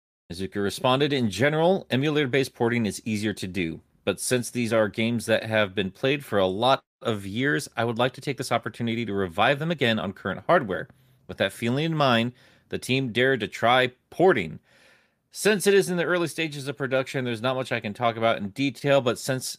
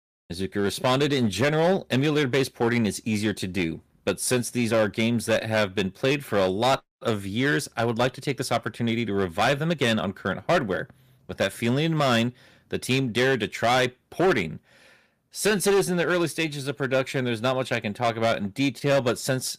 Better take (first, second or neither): first